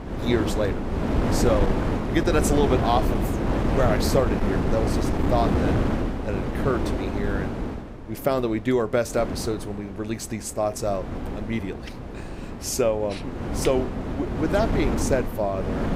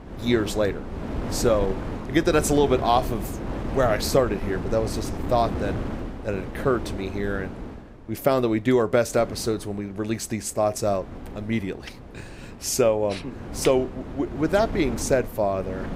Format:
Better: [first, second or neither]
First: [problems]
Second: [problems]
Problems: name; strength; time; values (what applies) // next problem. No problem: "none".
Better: second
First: wind noise on the microphone; heavy; 4 dB below the speech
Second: wind noise on the microphone; occasional gusts; 10 dB below the speech